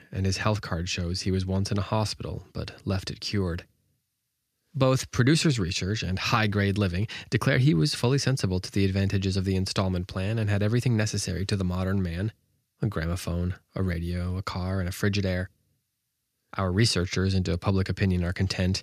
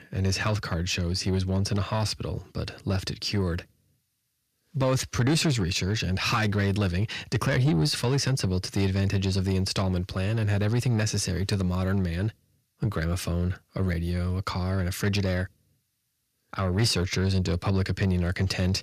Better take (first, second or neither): first